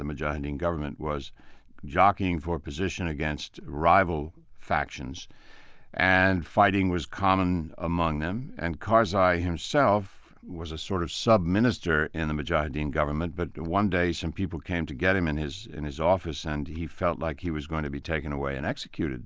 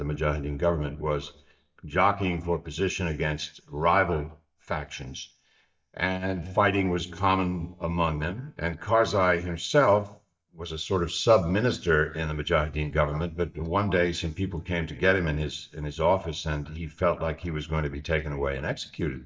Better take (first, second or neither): first